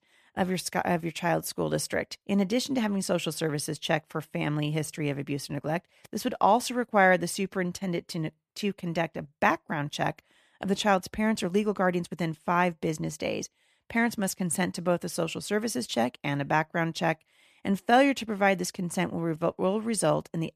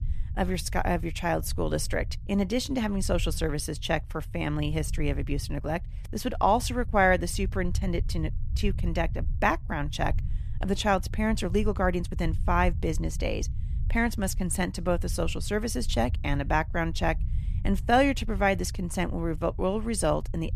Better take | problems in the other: first | low rumble; faint; throughout; 25 dB below the speech

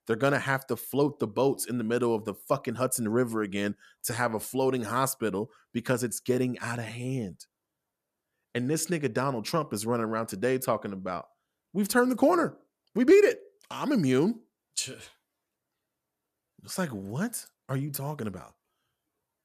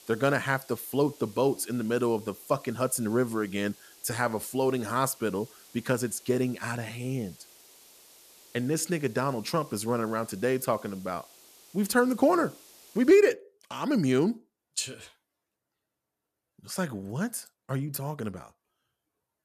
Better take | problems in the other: first | hiss; faint; until 13 s; 25 dB below the speech

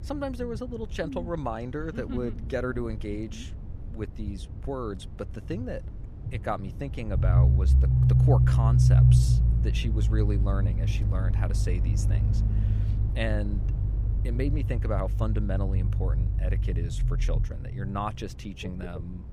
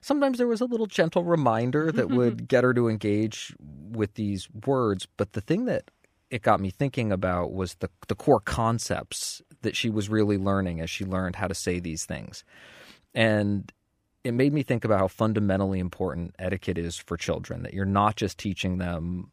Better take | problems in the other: second | low rumble; loud; throughout; 4 dB below the speech

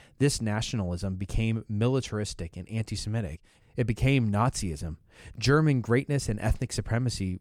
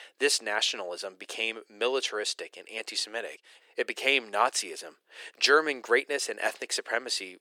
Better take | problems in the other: first | thin; very; fading below 400 Hz

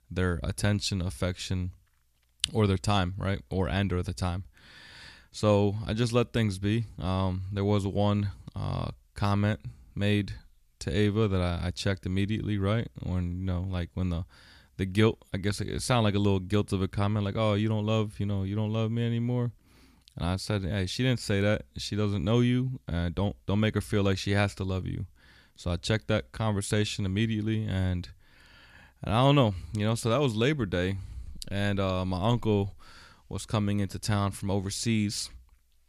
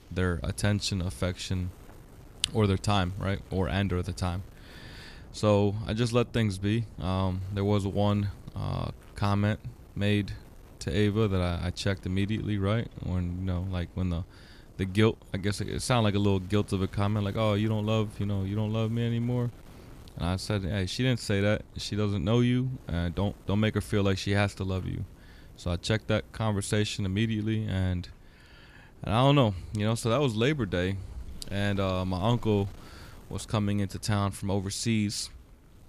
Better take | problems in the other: first | wind noise on the microphone; occasional gusts; 25 dB below the speech

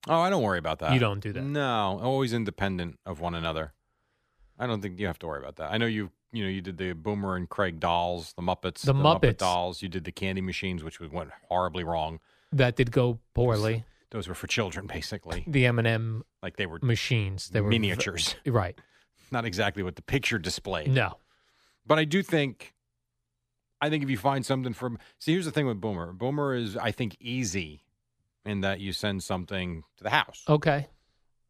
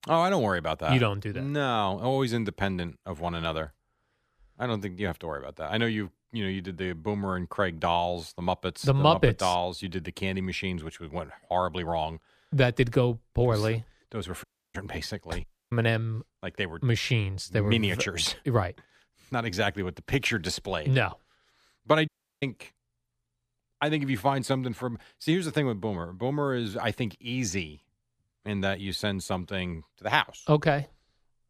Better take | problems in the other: first | audio cutting out; at 14 s, at 15 s and at 22 s

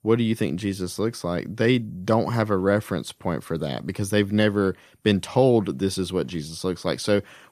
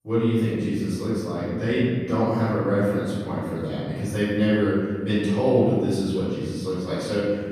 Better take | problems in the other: first | room echo; strong; dies away in 2 s // off-mic speech; far

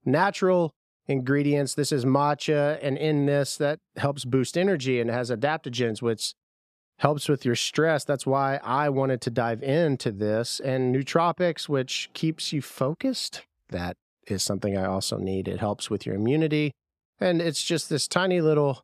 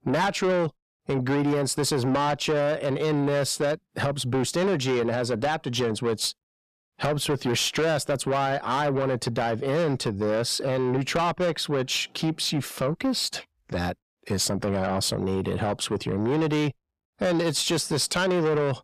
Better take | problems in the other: first | distortion; heavy; 7 dB below the speech

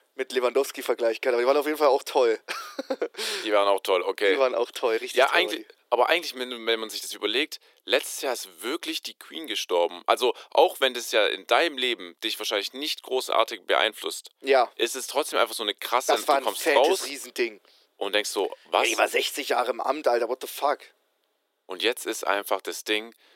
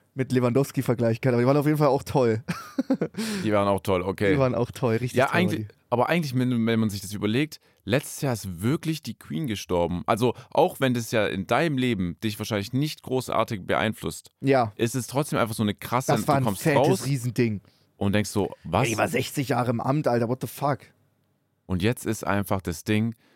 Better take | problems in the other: second | thin; very; fading below 350 Hz

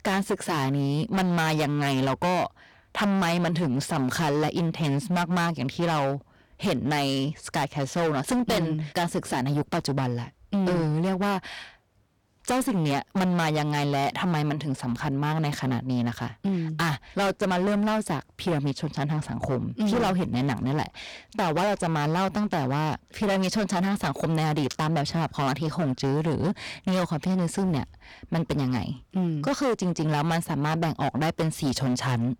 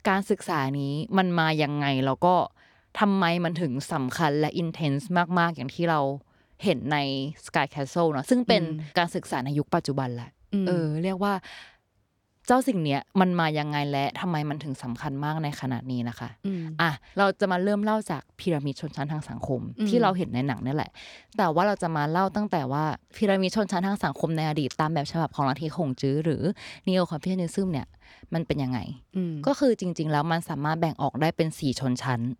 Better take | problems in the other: second | distortion; heavy; 21% of the sound clipped

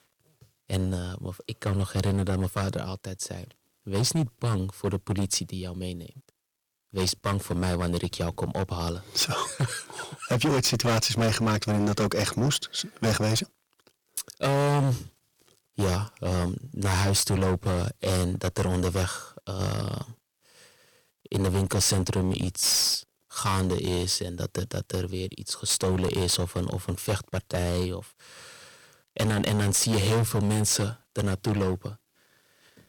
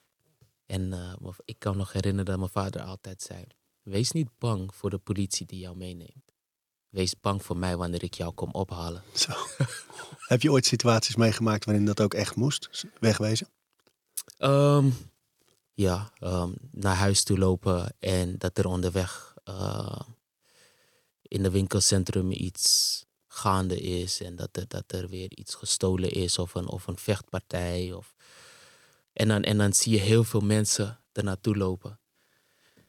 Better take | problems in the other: second | distortion; heavy; 12% of the sound clipped

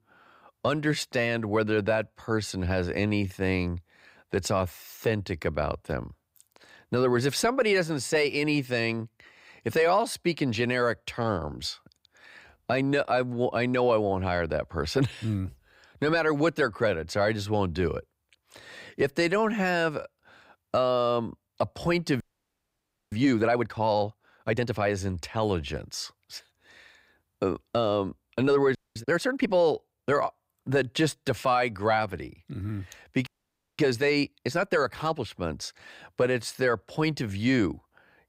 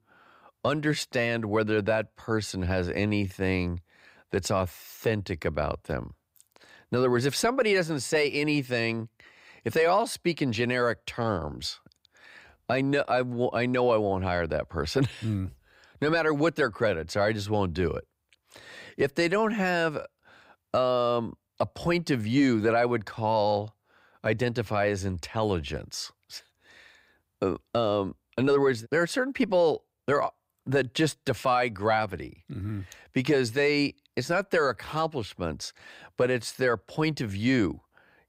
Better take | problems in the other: second | audio freezing; at 22 s for 1 s, at 29 s and at 33 s for 0.5 s

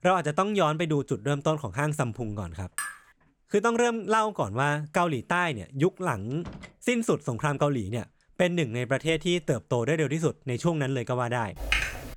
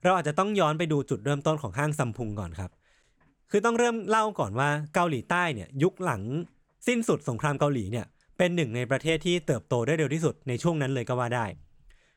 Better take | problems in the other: second | clattering dishes; noticeable; at 3 s; peak 7 dB below the speech // door banging; faint; at 6.5 s; peak 15 dB below the speech // keyboard typing; loud; at 12 s; peak level with the speech

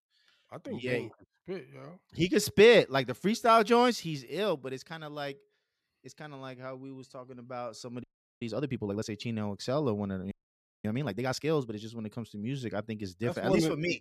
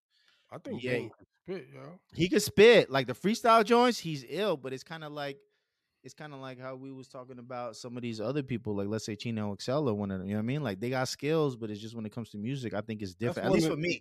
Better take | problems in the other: second | audio freezing; at 8 s and at 10 s for 0.5 s

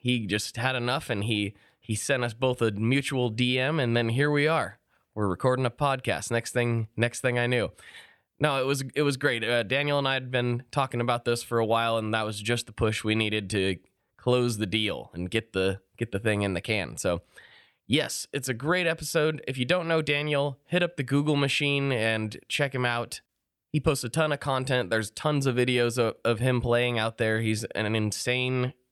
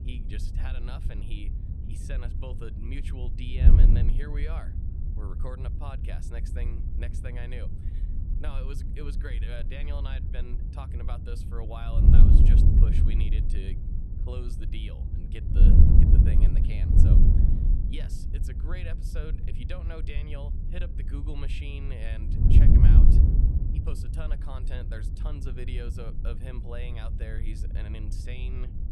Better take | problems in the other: first | wind noise on the microphone; heavy; 2 dB above the speech

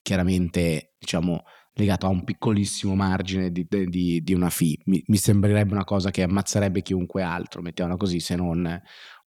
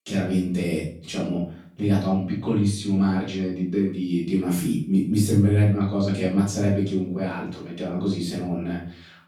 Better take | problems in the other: first | off-mic speech; far // room echo; noticeable; dies away in 0.4 s

